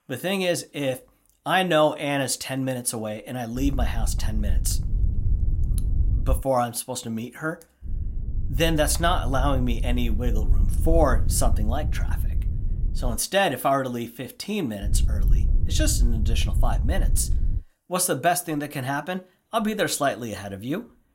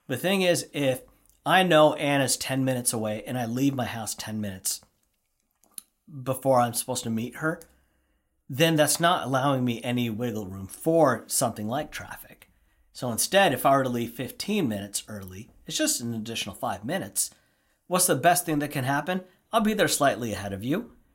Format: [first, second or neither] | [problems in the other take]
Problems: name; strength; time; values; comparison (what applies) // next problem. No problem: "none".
second | wind noise on the microphone; occasional gusts; from 3.5 to 6.5 s, from 8 to 13 s and from 15 to 18 s; 20 dB below the speech